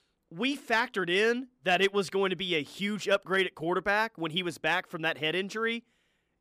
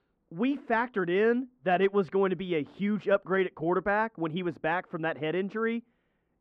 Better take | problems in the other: first | muffled; very; fading above 4 kHz

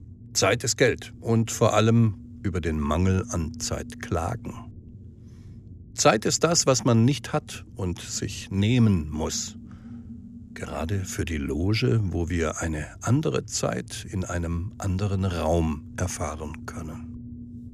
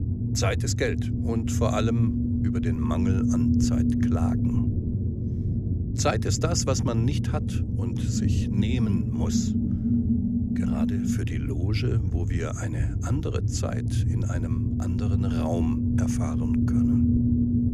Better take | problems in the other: first | low rumble; loud; throughout; 1 dB below the speech; faint in the first

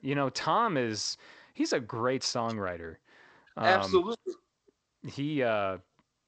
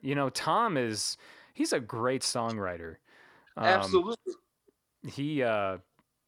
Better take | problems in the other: second | garbled, watery; slightly; nothing above 8 kHz

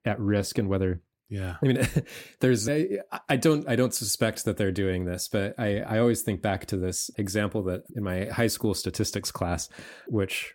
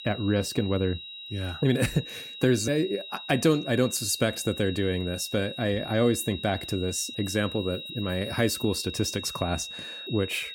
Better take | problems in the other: first | high-pitched whine; loud; throughout; 4 kHz, 10 dB below the speech

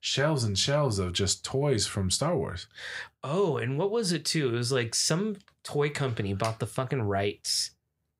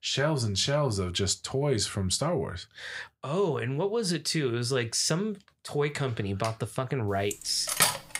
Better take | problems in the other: first | clattering dishes; loud; at 7.5 s; peak 5 dB above the speech

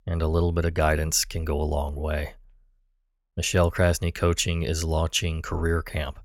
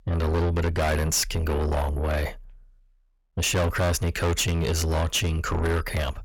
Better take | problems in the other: first | distortion; heavy; 7 dB below the speech

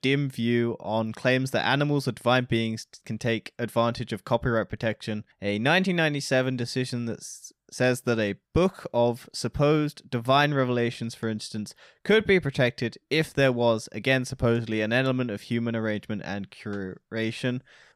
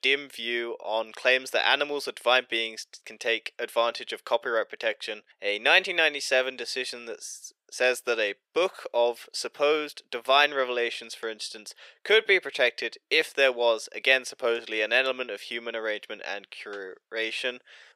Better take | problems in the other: first | thin; very; fading below 450 Hz

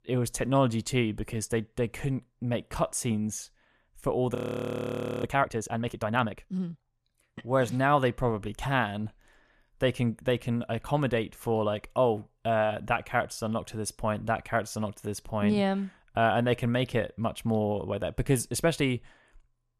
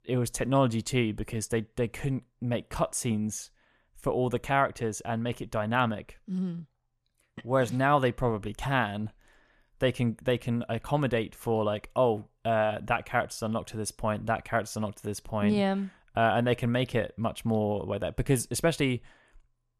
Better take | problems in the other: second | audio freezing; at 4.5 s for 1 s

